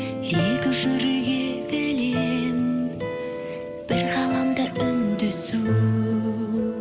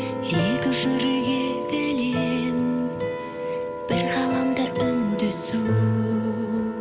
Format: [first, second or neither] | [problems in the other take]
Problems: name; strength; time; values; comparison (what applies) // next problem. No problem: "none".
first | background sound (Wind instrument, woodwind instrument); 9 dB below the speech